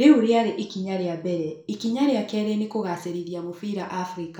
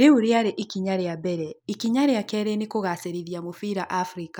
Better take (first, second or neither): second